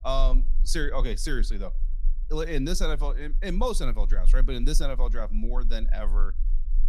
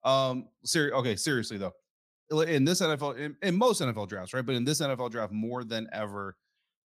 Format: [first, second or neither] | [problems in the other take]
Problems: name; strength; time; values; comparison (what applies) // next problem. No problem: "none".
second | low rumble; faint; throughout; 25 dB below the speech